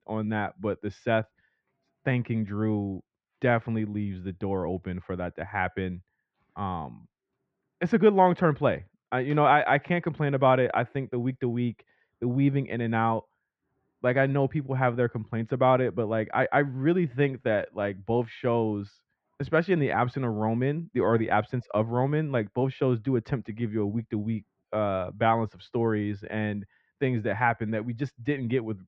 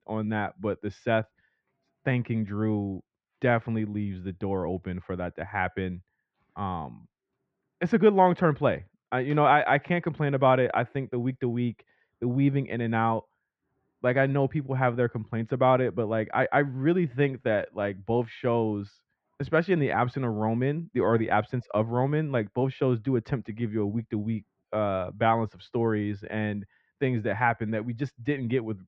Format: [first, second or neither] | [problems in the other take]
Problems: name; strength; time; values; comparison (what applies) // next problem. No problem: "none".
neither | muffled; very; fading above 2.5 kHz; the same in both